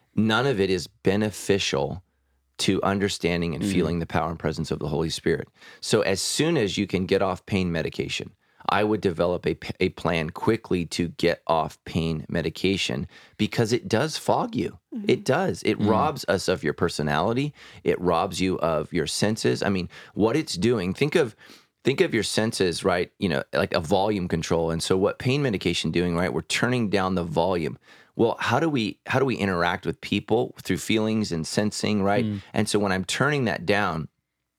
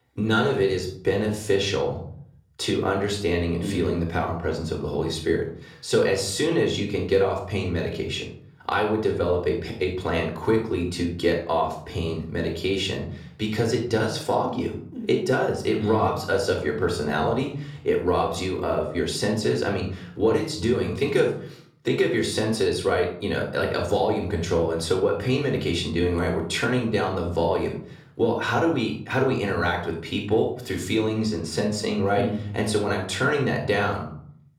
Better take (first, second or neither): first